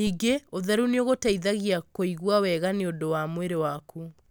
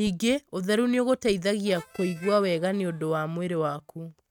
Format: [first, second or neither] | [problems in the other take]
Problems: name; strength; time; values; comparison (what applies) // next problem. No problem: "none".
first | noise reduction (neural mask model RNNoise)